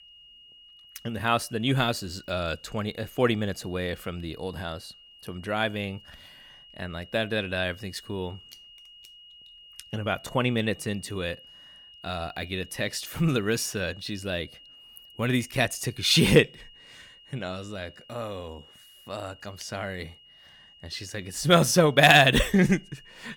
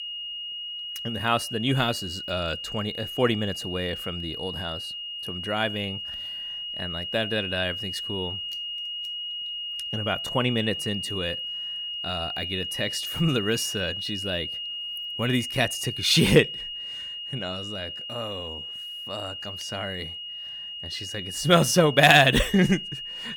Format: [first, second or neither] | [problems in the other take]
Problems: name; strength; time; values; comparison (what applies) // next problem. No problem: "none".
first | high-pitched whine; loud; throughout; 3 kHz, 7 dB below the speech; faint in the first